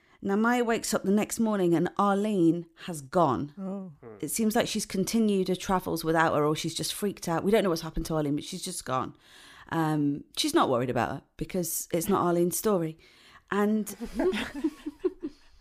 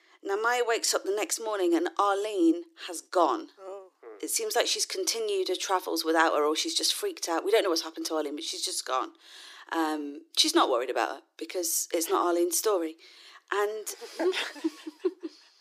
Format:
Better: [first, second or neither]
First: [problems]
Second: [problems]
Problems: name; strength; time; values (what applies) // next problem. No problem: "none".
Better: first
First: none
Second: thin; very; fading below 300 Hz